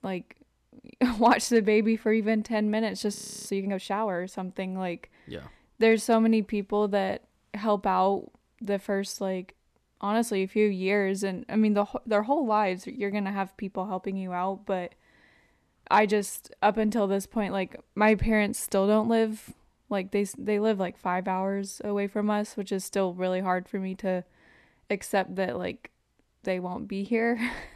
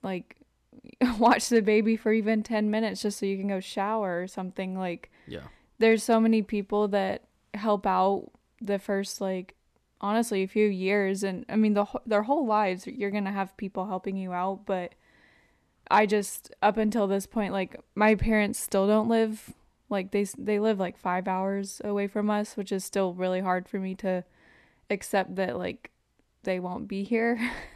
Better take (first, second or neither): second